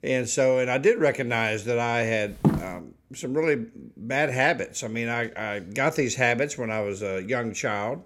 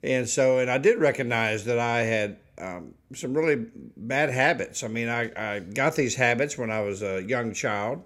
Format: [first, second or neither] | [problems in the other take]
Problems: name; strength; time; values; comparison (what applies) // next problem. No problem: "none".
second | footsteps; loud; at 2.5 s; peak level with the speech